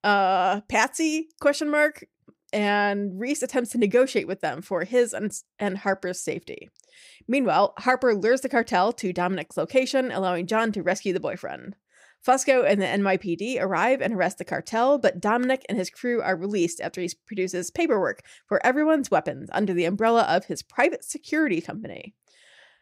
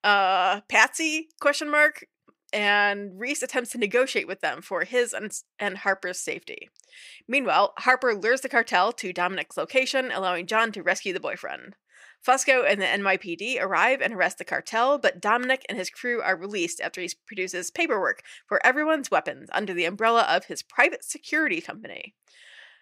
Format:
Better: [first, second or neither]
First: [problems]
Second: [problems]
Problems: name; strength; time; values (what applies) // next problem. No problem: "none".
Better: first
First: none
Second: thin; somewhat; fading below 600 Hz